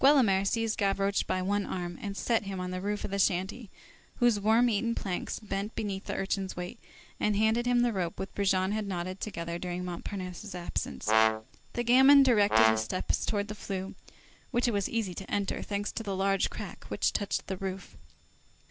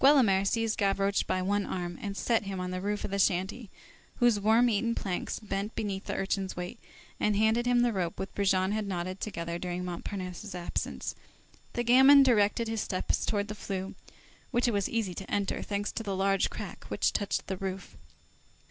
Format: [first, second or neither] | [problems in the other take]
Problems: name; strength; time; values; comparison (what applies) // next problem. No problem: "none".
second | background sound (Brass instrument); as loud as the speech